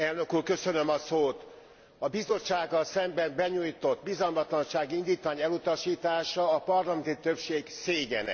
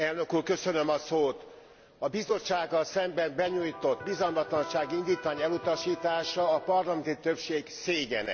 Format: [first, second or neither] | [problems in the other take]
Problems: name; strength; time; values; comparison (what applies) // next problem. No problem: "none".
first | background sound (Electric guitar); 13 dB below the speech